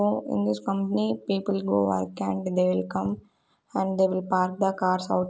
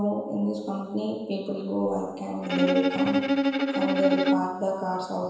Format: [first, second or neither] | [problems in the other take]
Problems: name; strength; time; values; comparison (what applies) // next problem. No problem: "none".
first | background sound (Bowed string instrument); 3 dB above the speech // room echo; dies away in 1 s